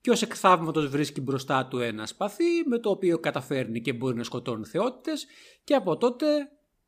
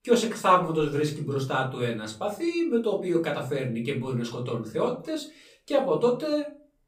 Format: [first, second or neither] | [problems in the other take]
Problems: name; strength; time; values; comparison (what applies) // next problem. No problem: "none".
first | room echo; slight; dies away in 0.4 s // off-mic speech; far